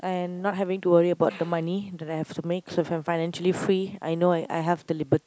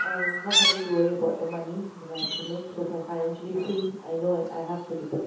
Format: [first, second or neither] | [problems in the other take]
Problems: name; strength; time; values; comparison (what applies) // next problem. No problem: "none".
first | background sound (Chirp, tweet); 2 dB below the speech // room echo; dies away in 0.7 s